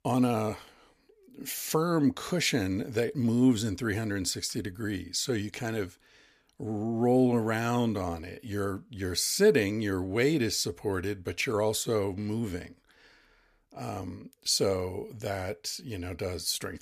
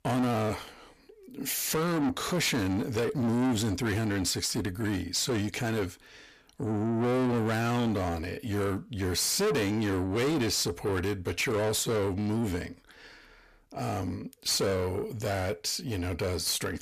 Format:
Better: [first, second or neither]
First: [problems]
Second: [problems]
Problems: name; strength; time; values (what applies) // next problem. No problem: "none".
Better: first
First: none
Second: distortion; heavy; 6 dB below the speech